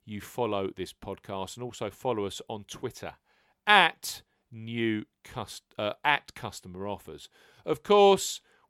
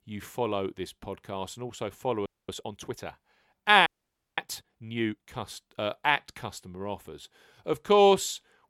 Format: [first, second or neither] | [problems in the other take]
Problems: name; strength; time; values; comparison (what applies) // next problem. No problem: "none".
first | audio freezing; at 2.5 s and at 4 s for 0.5 s